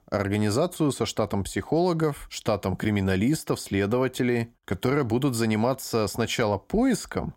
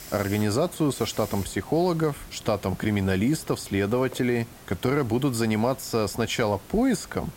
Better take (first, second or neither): first